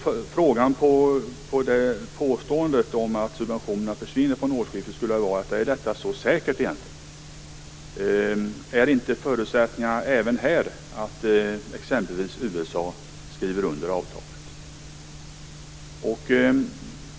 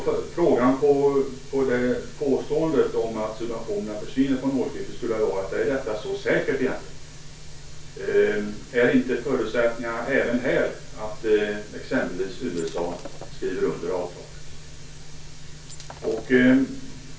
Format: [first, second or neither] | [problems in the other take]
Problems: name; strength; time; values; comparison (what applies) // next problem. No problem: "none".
first | background sound (Shatter); 20 dB below the speech // room echo; dies away in 0.3 s